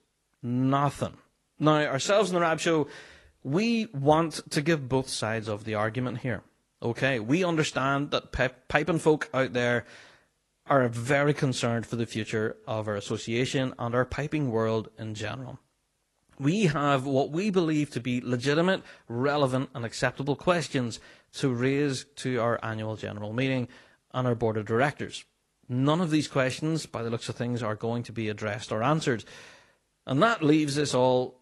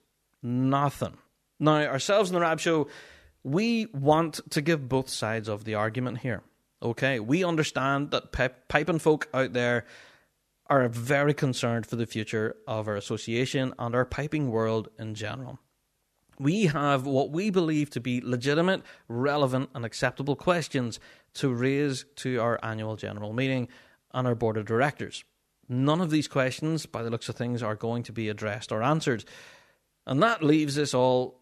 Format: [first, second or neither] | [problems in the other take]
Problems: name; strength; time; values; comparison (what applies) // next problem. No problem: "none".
second | garbled, watery; slightly; nothing above 11 kHz